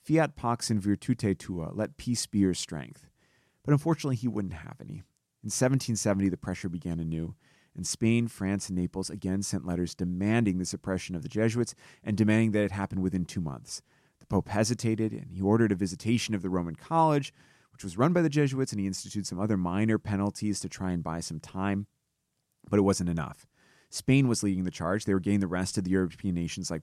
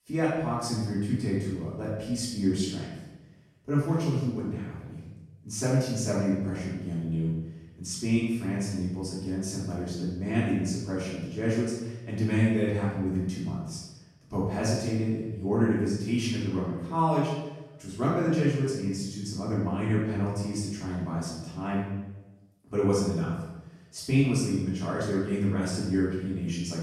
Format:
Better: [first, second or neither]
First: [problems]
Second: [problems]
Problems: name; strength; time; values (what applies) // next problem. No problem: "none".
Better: first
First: none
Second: off-mic speech; far // room echo; noticeable; dies away in 0.9 s